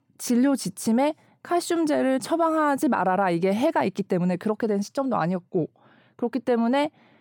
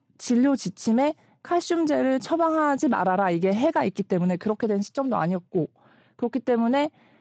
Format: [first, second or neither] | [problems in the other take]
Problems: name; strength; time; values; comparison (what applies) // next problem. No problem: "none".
first | garbled, watery; slightly; nothing above 8 kHz